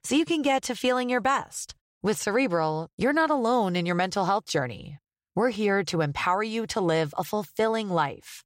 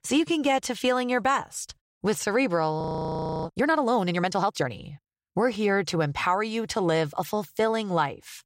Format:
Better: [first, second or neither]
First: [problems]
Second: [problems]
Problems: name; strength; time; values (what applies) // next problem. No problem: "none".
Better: first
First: none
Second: audio freezing; at 3 s for 0.5 s